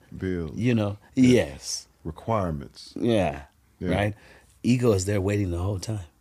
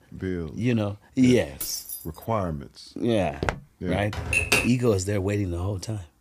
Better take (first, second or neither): first